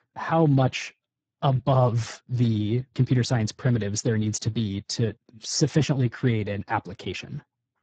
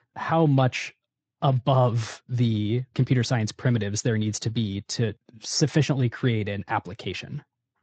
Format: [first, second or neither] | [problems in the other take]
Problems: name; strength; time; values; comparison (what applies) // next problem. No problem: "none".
second | garbled, watery; badly; nothing above 7.5 kHz; slightly in the second